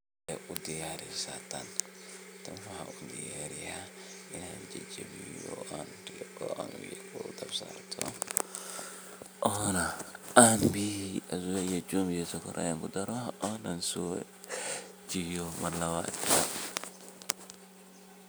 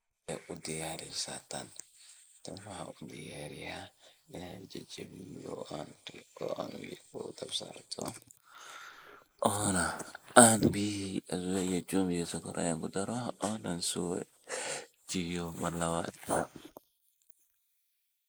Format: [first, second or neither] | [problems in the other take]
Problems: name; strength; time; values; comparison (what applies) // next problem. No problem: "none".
first | noise reduction (neural mask model Resemble Enhance denoiser)